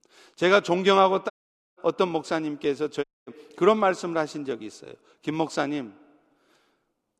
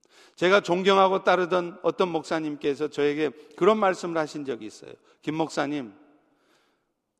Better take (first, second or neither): second